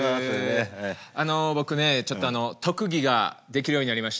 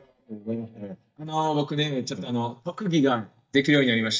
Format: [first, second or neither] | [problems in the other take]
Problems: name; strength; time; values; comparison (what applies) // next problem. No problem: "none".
first | noise reduction (neural mask model DeepFilterNet 3)